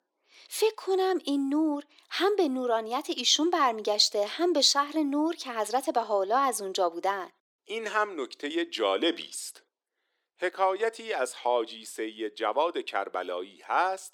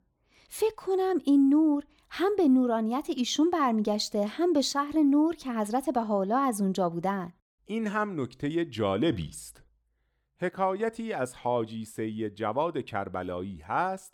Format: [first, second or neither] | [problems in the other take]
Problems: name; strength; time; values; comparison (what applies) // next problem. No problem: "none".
second | thin; somewhat; fading below 350 Hz